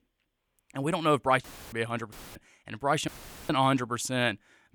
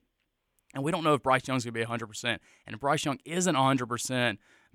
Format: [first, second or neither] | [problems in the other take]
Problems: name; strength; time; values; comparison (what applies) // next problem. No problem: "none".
second | audio cutting out; filled with static; at 1.5 s, at 2 s and at 3 s